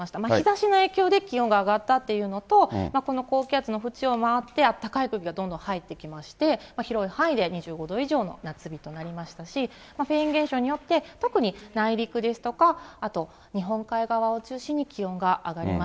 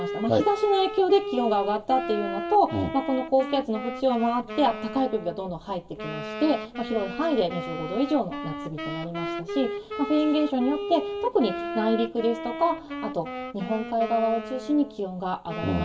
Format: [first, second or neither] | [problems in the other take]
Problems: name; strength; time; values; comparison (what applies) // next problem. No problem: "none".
first | background sound (Wind instrument, woodwind instrument); 8 dB below the speech // room echo; dies away in 0.2 s